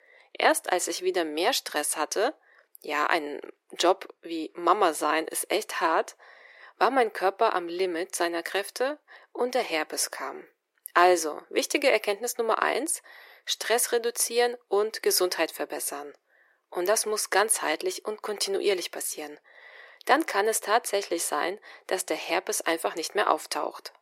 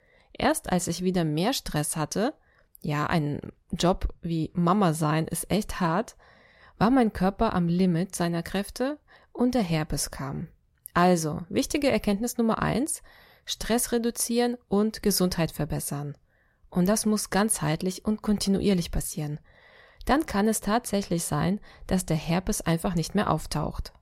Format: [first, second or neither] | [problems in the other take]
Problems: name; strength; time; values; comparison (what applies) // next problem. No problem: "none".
second | thin; very; fading below 350 Hz